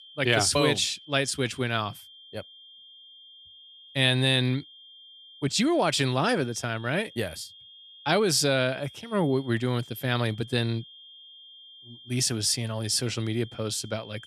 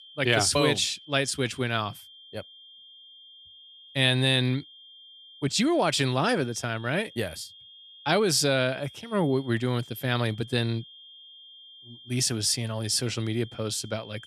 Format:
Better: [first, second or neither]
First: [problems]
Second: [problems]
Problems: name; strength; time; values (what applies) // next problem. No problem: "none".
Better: neither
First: high-pitched whine; faint; throughout; 3 kHz, 20 dB below the speech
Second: high-pitched whine; faint; throughout; 3 kHz, 20 dB below the speech